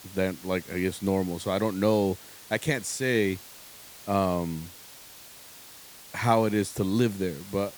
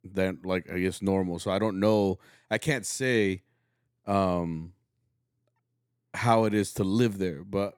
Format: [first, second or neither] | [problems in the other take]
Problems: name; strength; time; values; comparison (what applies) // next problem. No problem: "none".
second | hiss; noticeable; throughout; 15 dB below the speech